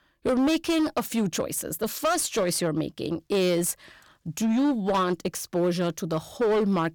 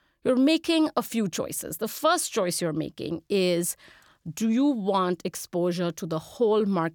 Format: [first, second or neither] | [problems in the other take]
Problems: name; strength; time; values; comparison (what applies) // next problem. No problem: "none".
second | distortion; slight; 13% of the sound clipped